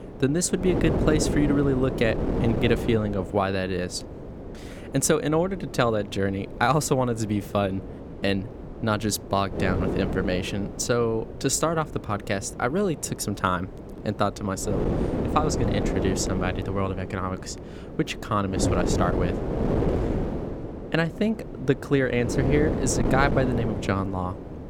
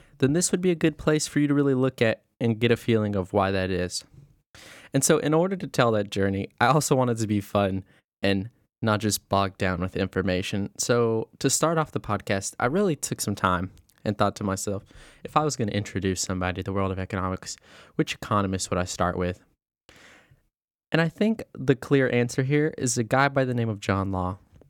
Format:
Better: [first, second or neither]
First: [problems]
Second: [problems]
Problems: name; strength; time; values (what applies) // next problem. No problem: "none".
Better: second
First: wind noise on the microphone; heavy; 7 dB below the speech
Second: none